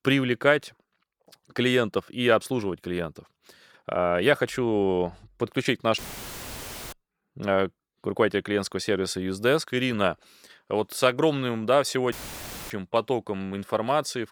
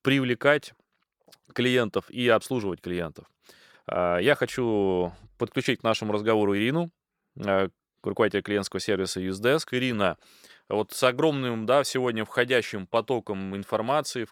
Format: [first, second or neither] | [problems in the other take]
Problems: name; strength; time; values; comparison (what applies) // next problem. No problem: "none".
second | audio cutting out; filled with static; at 6 s for 1 s and at 12 s for 0.5 s